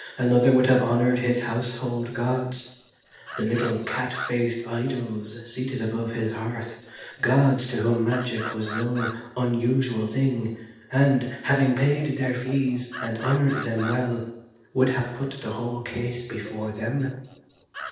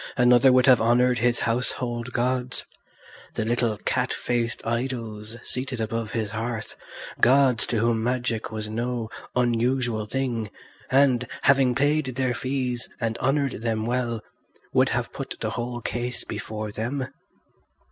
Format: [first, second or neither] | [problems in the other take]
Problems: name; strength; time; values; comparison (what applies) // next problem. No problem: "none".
second | noise reduction (neural separator model SepFormer DNS4)